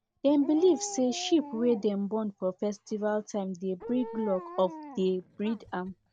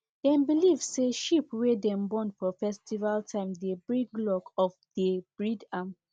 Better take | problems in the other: second | background sound (Dog); 16 dB below the speech

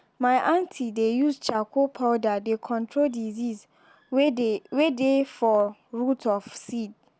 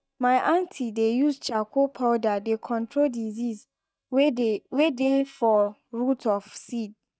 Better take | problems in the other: first | noise reduction (neural mask model DeepFilterNet 3)

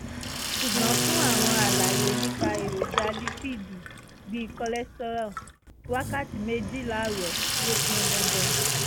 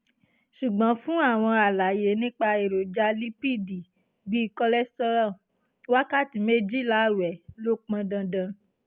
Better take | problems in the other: second | background sound (Sink (filling or washing) + Wind instrument, woodwind instrument); 4 dB above the speech

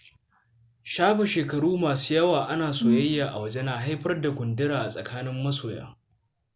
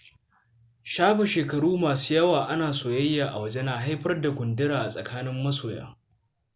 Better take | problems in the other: second | background sound (Brass instrument); 1 dB above the speech

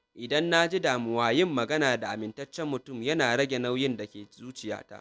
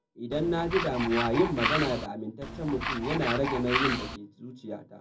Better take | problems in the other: first | background sound (Tools); 2 dB below the speech // room echo; dies away in 0.4 s

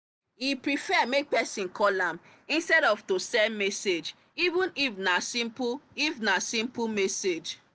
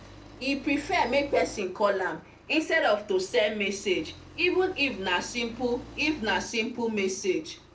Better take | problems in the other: first | background sound (Accelerating, revving, vroom); 20 dB below the speech // room echo; dies away in 0.3 s

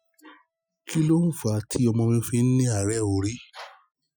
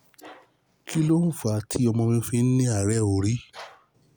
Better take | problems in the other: second | noise reduction (classical method Wiener filter)

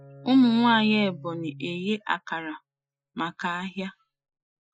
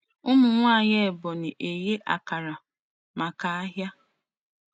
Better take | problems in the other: second | noise reduction (classical method Wiener filter)

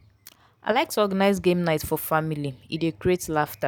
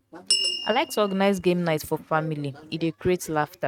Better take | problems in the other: first | noise reduction (neural mask model RNNoise)

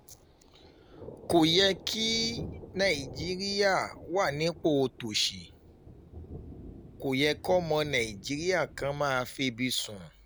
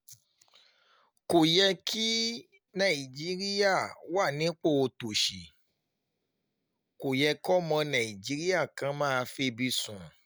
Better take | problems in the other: second | background sound (Thunder); 16 dB below the speech

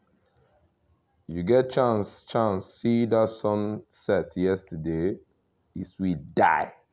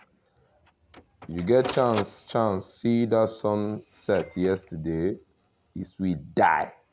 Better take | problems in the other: first | background sound (Printer); 18 dB below the speech

